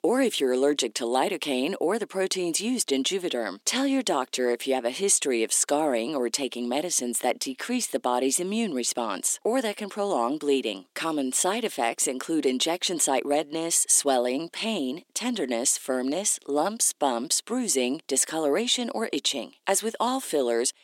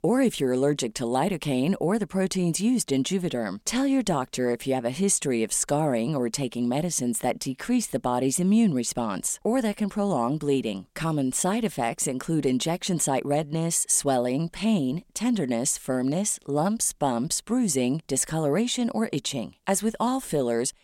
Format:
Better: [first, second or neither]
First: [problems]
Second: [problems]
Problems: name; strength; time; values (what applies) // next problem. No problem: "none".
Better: second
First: thin; very slightly; fading below 300 Hz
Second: none